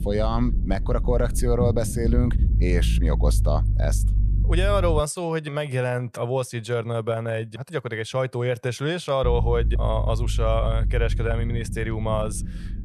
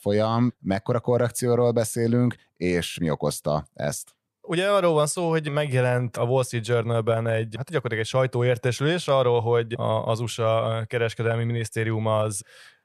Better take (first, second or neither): second